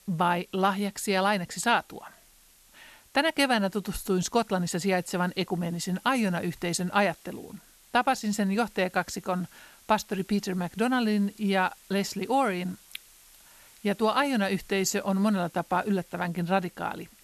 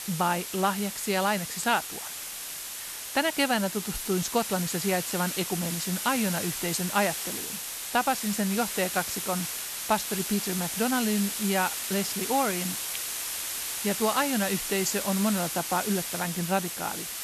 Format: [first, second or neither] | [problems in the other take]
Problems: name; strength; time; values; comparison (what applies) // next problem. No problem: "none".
first | hiss; loud; throughout; 3 dB below the speech; faint in the first